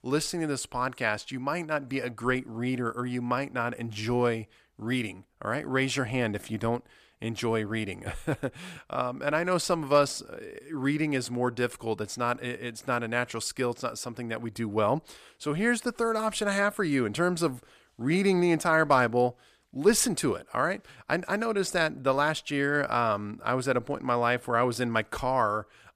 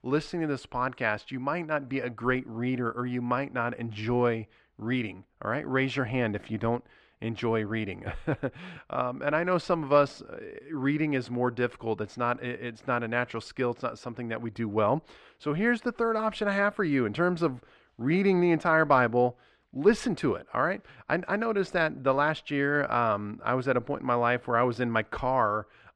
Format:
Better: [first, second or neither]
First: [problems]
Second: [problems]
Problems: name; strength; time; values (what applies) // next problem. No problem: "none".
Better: first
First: none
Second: muffled; slightly; fading above 3 kHz